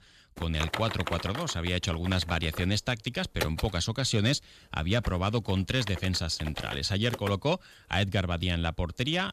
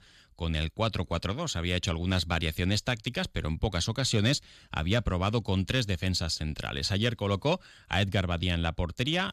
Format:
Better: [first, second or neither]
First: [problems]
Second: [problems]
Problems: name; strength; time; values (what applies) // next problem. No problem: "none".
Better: second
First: keyboard typing; noticeable; until 7.5 s; peak 4 dB below the speech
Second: none